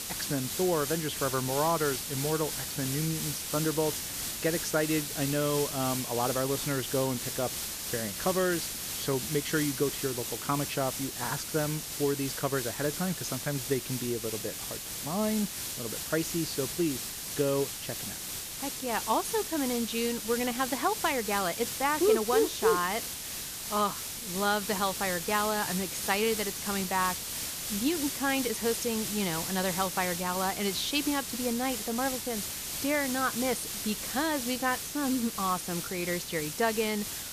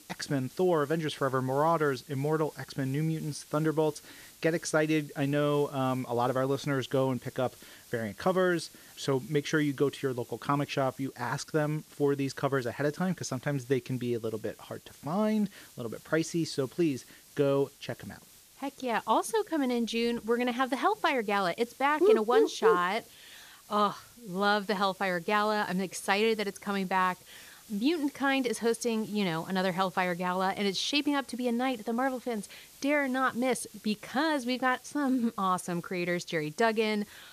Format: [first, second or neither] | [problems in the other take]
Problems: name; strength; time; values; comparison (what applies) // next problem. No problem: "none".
second | hiss; loud; throughout; 3 dB below the speech; faint in the second